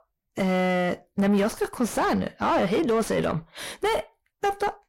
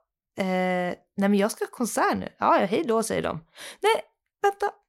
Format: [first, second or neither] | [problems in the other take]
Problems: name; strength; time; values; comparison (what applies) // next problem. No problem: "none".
second | distortion; heavy; 6 dB below the speech